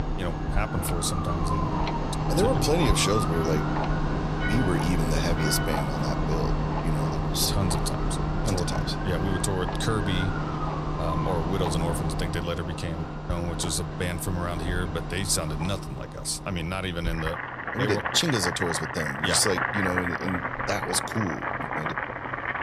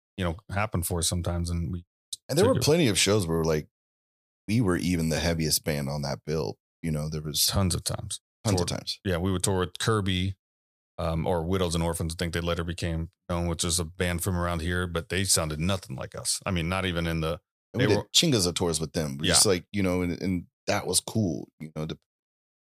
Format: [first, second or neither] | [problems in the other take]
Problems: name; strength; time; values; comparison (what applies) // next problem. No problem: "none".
second | household noises; loud; throughout; as loud as the speech